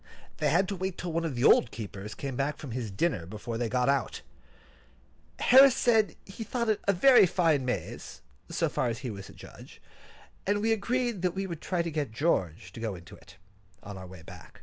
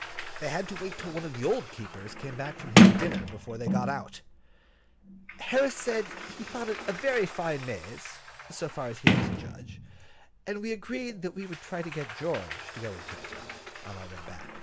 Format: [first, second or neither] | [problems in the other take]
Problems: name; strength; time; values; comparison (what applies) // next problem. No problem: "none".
first | background sound (Sliding door); 4 dB above the speech